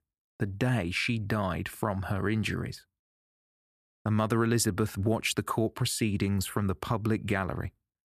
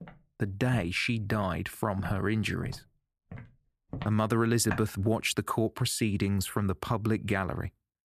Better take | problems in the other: first | footsteps; noticeable; until 5 s; peak 8 dB below the speech

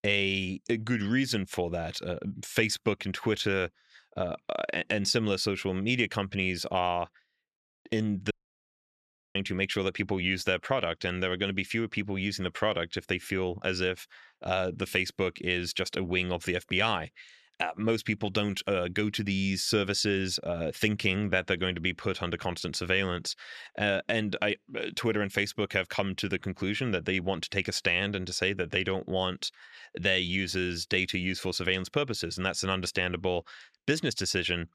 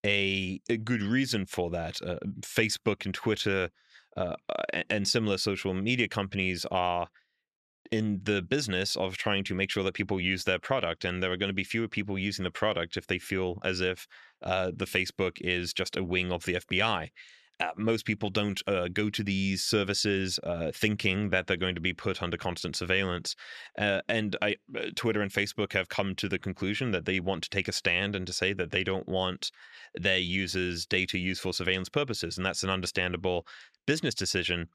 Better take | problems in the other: second | audio cutting out; at 8.5 s for 1 s

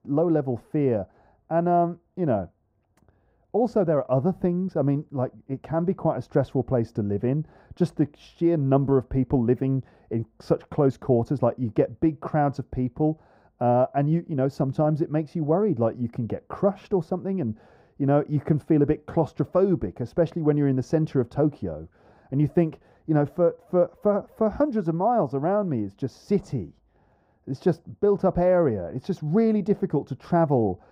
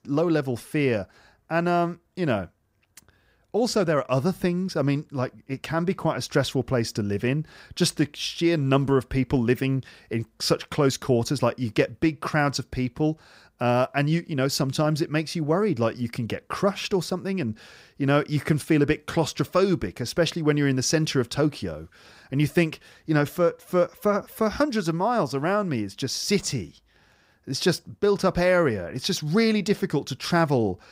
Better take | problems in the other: second | muffled; very; fading above 1.5 kHz

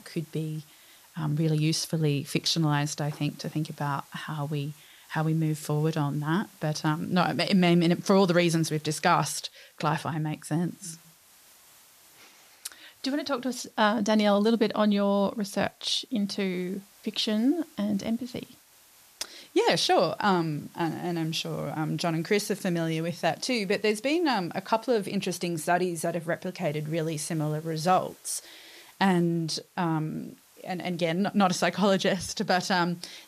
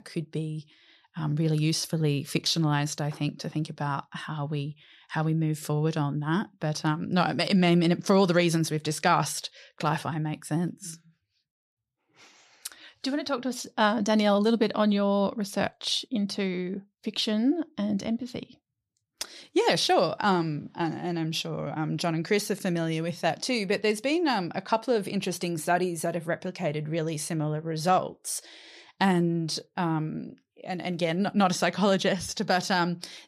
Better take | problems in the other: second | hiss; faint; throughout; 25 dB below the speech

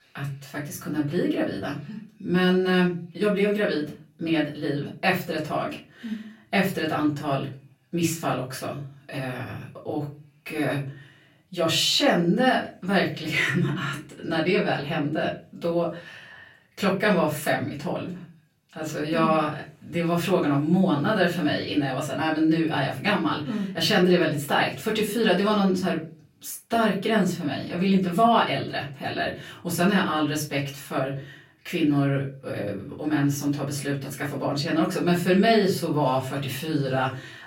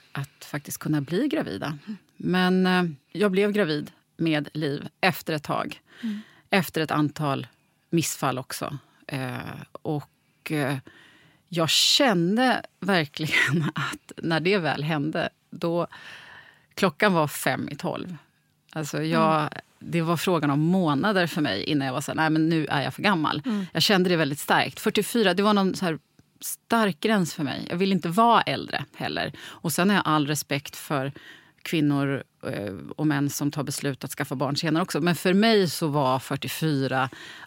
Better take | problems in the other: second | room echo; slight; dies away in 0.3 s // off-mic speech; far

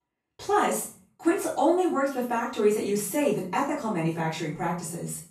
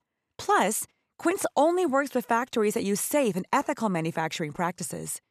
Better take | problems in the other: second | off-mic speech; far // room echo; noticeable; dies away in 0.4 s

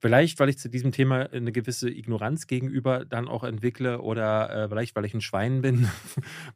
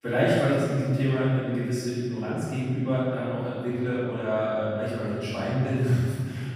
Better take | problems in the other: first | room echo; strong; dies away in 1.8 s // off-mic speech; far

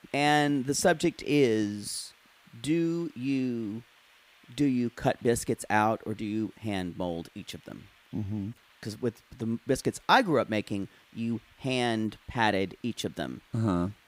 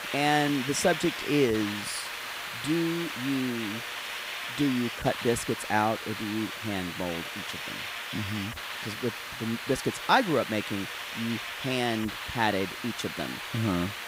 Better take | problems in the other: first | hiss; loud; throughout; 5 dB below the speech; faint in the first

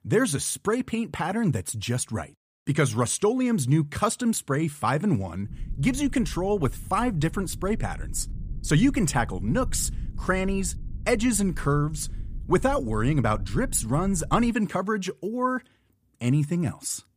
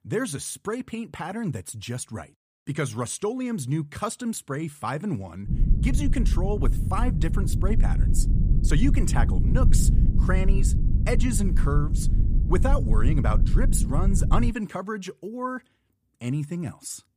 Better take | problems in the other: first | low rumble; loud; from 5.5 to 14 s; 7 dB below the speech; faint in the first

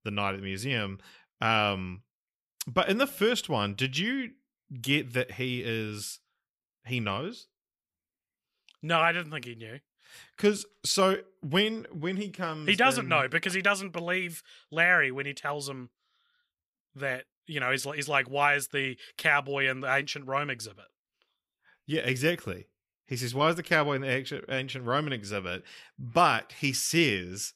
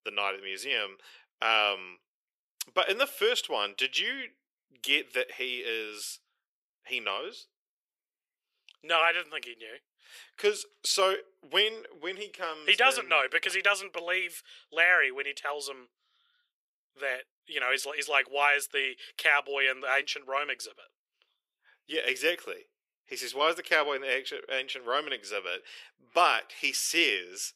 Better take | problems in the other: first | thin; very; fading below 400 Hz

